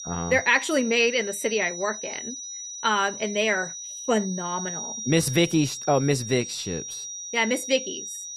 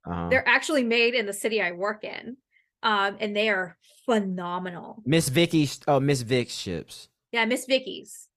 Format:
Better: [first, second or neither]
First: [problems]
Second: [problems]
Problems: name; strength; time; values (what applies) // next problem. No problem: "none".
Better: second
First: high-pitched whine; loud; throughout; 5.5 kHz, 9 dB below the speech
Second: none